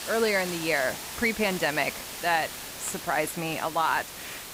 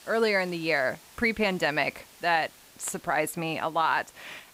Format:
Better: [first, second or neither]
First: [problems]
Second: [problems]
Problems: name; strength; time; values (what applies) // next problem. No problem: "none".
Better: second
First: hiss; loud; throughout; 8 dB below the speech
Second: hiss; faint; throughout; 25 dB below the speech